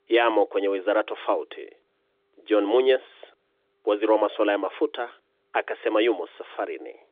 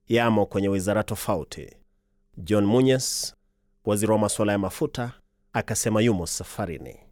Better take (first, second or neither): second